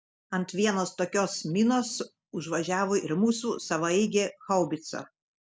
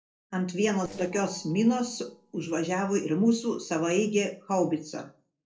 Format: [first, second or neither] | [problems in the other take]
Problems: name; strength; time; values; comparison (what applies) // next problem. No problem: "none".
first | noise reduction (neural separator model SepFormer DNS4)